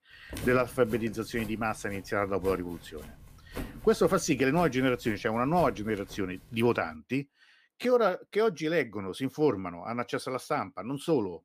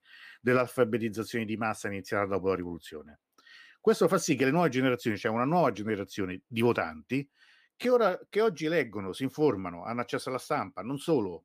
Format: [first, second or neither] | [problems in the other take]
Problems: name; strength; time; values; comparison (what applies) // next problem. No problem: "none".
second | footsteps; faint; until 7 s; peak 10 dB below the speech